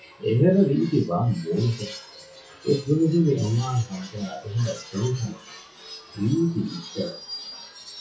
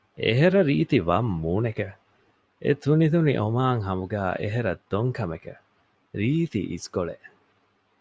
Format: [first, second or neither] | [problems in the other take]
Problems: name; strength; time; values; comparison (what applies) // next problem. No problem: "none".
second | noise reduction (classical method WPE with log-MMSE)